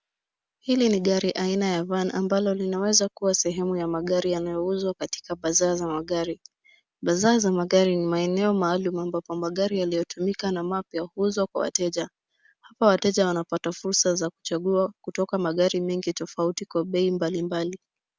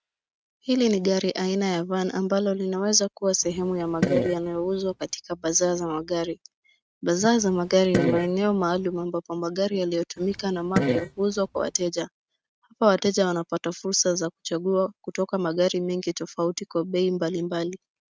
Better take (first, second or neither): first